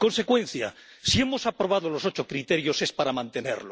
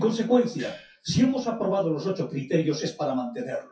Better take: first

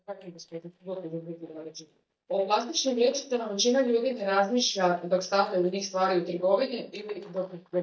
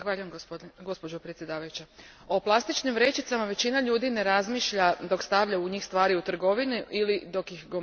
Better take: second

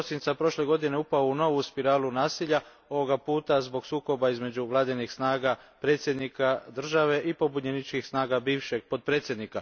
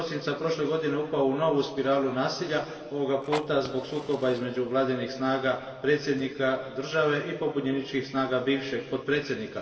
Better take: first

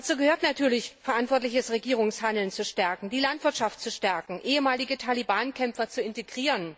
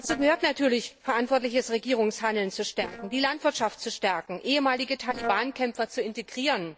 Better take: first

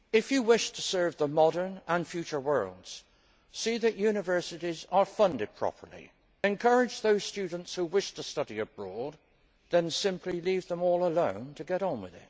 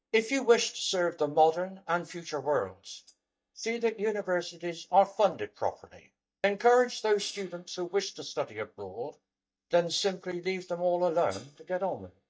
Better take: first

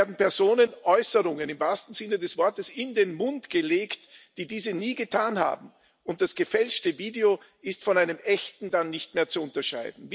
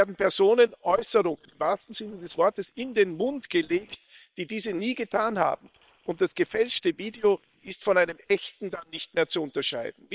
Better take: first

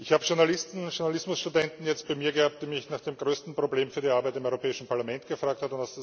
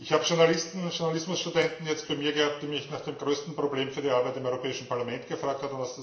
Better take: first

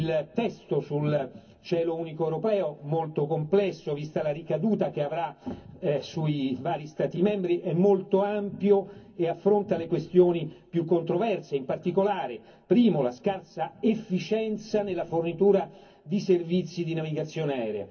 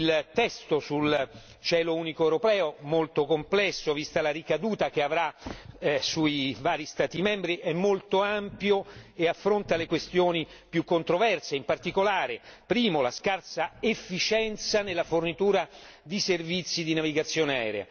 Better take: second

